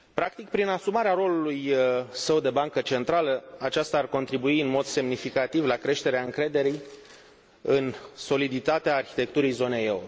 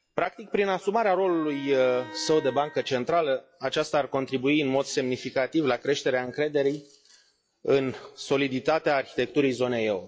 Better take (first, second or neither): first